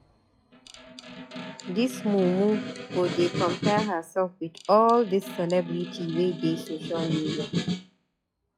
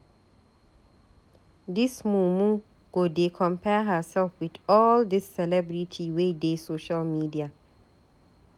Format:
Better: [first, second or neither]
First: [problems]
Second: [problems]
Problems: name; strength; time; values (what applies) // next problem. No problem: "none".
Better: second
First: noise reduction (classical method log-MMSE)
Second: none